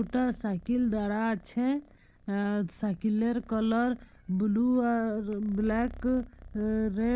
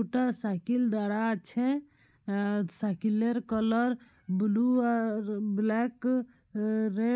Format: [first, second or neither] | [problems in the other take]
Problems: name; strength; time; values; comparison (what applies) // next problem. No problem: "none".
second | background sound (Purr); 19 dB below the speech